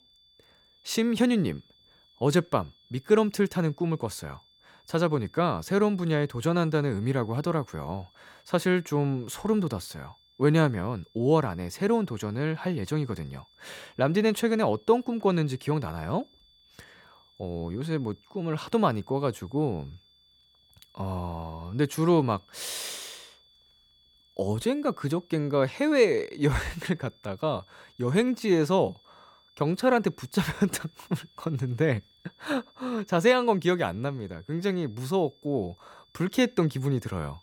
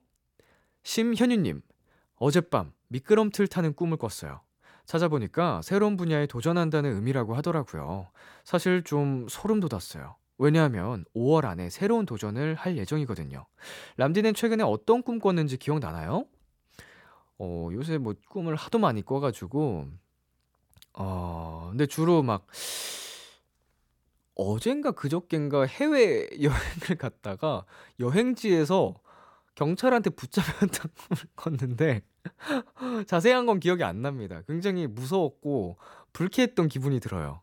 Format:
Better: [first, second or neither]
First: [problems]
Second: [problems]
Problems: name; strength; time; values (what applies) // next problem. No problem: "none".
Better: second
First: high-pitched whine; faint; throughout; 3.5 kHz, 30 dB below the speech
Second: none